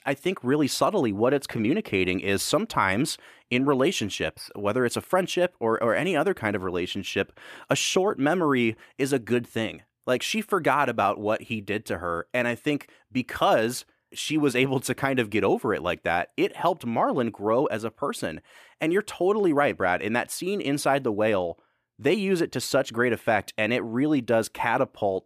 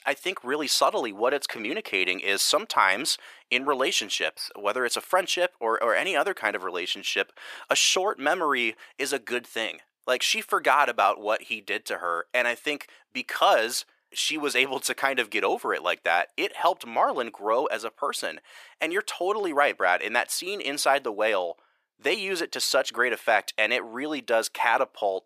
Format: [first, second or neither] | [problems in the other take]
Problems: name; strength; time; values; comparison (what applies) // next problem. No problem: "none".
first | thin; somewhat; fading below 600 Hz